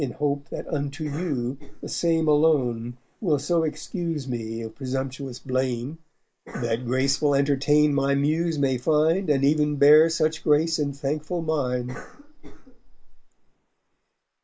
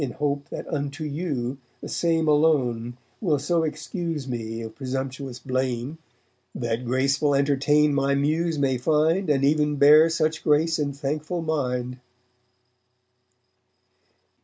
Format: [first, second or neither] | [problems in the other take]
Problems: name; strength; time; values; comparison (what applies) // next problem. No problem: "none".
second | noise reduction (neural mask model Resemble Enhance denoiser)